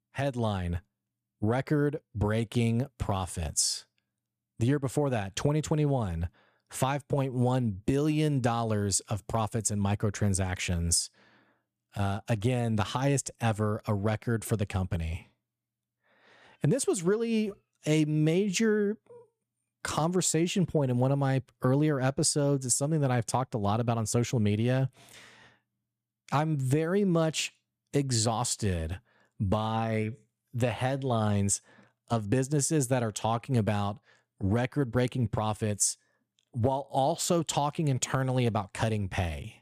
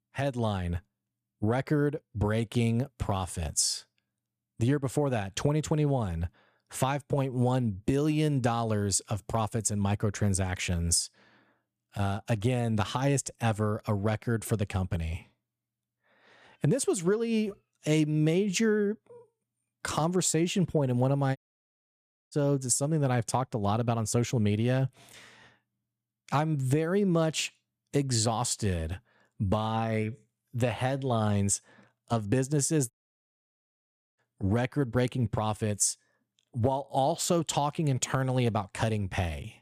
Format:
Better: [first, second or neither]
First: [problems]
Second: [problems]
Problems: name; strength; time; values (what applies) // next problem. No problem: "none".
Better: first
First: none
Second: audio cutting out; at 21 s for 1 s and at 33 s for 1.5 s